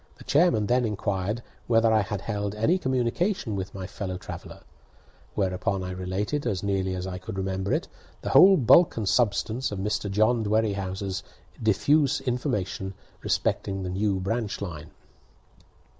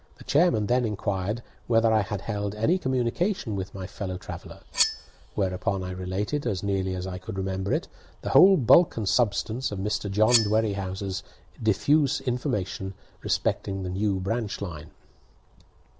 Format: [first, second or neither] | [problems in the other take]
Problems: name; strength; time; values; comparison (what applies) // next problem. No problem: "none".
first | background sound (Cutlery, silverware); 7 dB below the speech